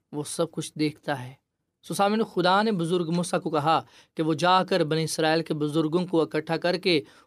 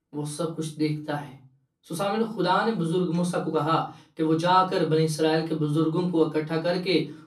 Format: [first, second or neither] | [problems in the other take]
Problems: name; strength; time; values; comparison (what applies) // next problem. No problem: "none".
first | off-mic speech; far // room echo; very slight; dies away in 0.3 s